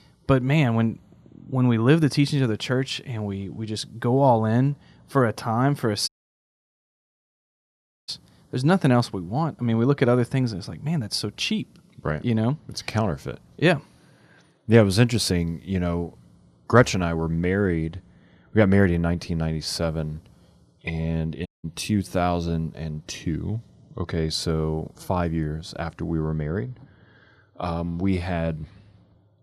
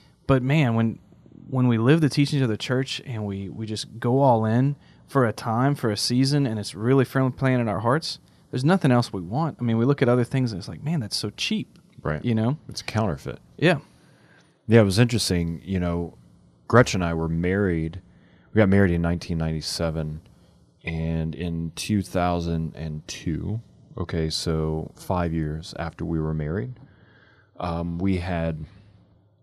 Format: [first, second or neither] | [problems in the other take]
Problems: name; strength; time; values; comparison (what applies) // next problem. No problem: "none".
second | audio cutting out; at 6 s for 2 s and at 21 s